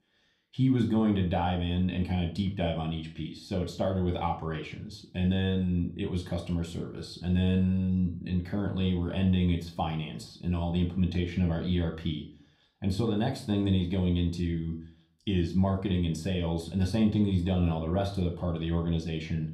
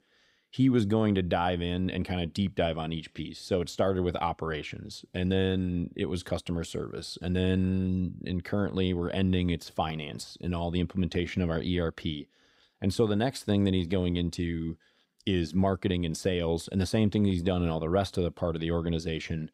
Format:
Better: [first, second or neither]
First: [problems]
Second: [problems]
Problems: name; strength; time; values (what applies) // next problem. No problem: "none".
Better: second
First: off-mic speech; somewhat distant // room echo; slight; dies away in 0.4 s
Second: none